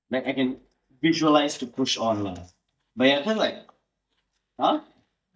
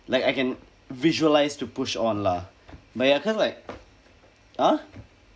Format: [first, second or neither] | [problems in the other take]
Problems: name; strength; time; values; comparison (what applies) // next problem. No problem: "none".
second | noise reduction (neural mask model DeepFilterNet 3)